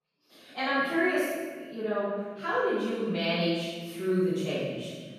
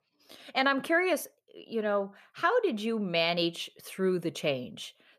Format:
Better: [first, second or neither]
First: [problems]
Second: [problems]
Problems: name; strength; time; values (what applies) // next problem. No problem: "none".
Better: second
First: off-mic speech; far // room echo; strong; dies away in 1.4 s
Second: none